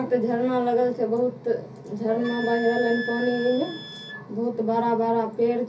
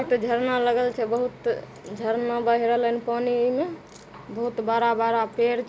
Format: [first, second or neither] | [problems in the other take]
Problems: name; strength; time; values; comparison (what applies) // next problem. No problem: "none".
second | background sound (Wind instrument, woodwind instrument); 13 dB below the speech // room echo; dies away in 0.3 s